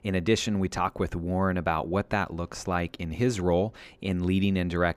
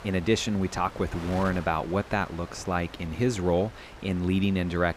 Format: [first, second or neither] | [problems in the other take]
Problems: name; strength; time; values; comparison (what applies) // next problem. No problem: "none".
first | wind noise on the microphone; occasional gusts; 15 dB below the speech